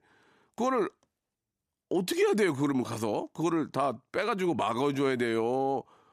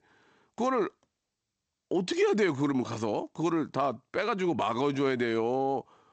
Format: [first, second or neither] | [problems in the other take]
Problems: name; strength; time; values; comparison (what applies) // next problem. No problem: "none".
first | garbled, watery; slightly; nothing above 8 kHz